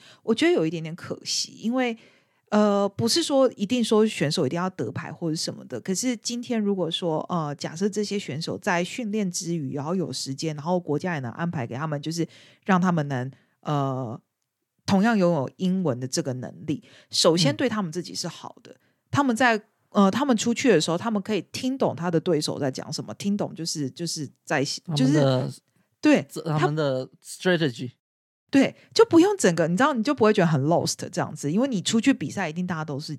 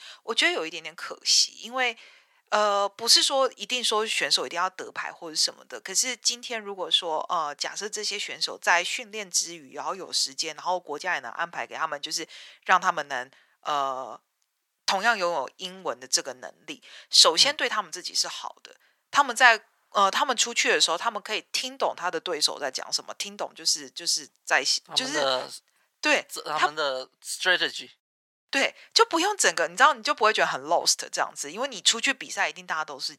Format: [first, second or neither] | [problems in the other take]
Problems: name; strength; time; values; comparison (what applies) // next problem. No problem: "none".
first | thin; very; fading below 950 Hz